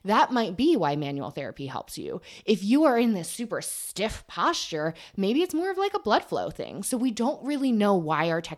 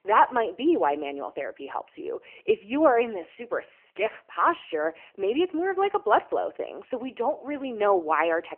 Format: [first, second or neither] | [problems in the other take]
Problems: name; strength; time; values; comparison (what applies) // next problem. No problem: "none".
first | phone-call audio; nothing above 3 kHz